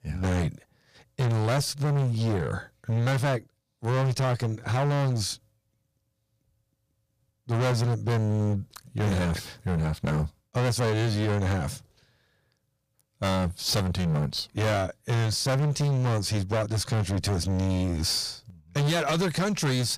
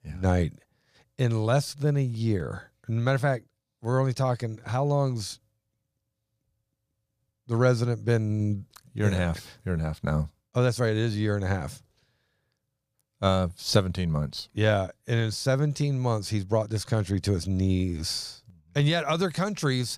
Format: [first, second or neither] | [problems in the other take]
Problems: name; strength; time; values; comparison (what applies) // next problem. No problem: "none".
second | distortion; heavy; 22% of the sound clipped